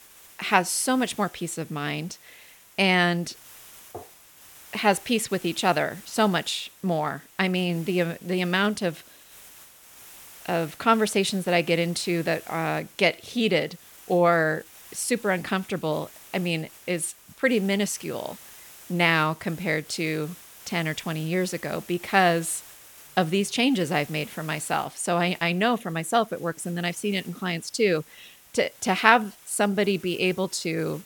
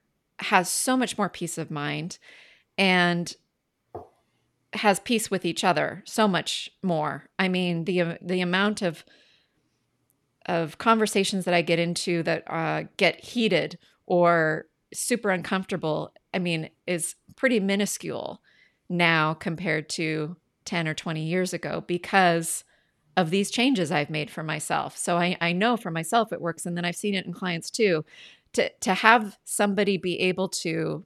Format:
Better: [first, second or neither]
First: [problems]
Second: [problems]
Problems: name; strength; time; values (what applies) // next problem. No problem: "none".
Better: second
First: hiss; faint; throughout; 20 dB below the speech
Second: none